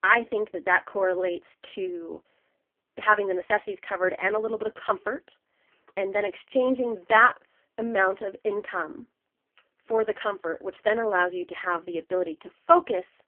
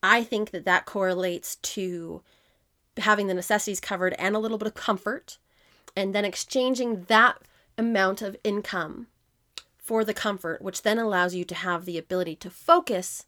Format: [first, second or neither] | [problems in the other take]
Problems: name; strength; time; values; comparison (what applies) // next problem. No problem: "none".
second | phone-call audio; poor line; nothing above 3 kHz